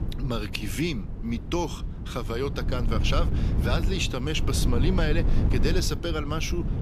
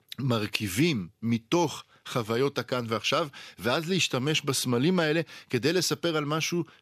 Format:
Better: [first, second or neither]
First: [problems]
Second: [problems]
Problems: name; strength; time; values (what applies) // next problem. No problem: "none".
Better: second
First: wind noise on the microphone; heavy; 9 dB below the speech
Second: none